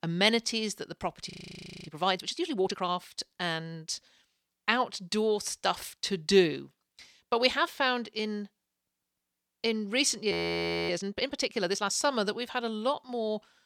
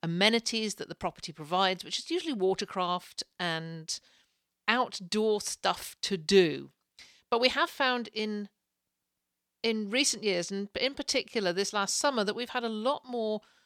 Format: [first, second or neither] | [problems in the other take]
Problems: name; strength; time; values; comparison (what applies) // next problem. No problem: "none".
second | audio freezing; at 1.5 s for 0.5 s and at 10 s for 0.5 s